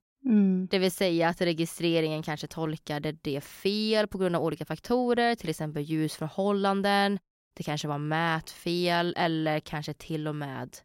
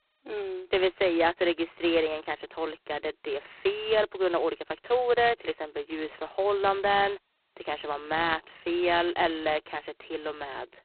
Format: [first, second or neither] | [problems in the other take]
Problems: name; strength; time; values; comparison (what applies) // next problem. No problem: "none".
first | phone-call audio; poor line; nothing above 4 kHz